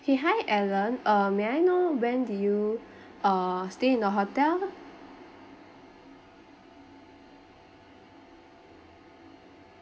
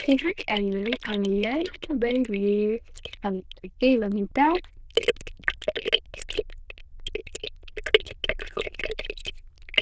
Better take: first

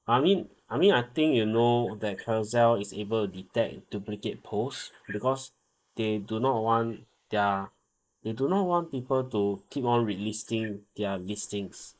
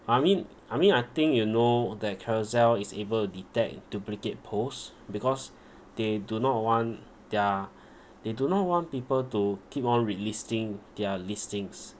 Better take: second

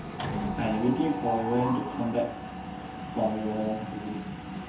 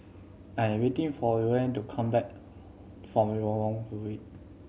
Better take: second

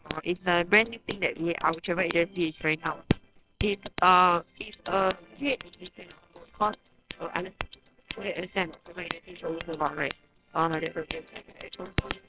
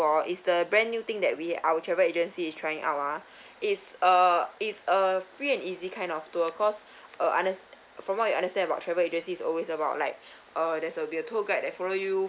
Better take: second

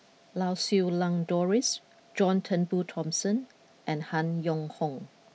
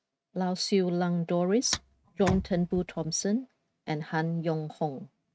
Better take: first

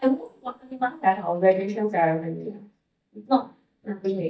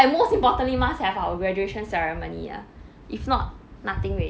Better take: second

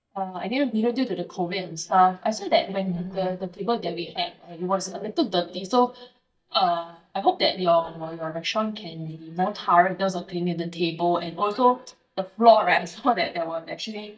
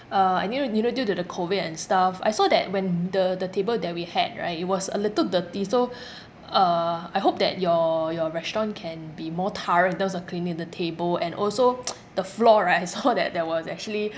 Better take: second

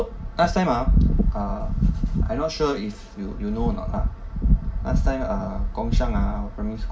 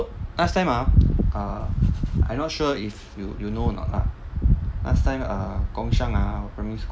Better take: second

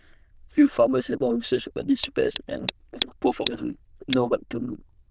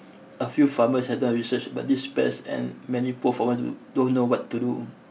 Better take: second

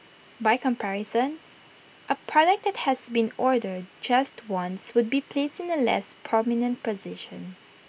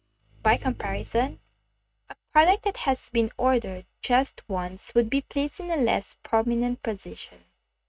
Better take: first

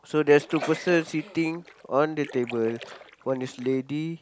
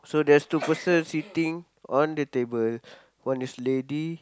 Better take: second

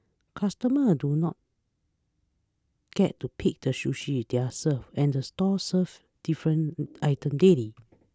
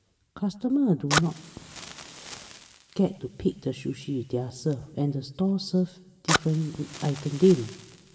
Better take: first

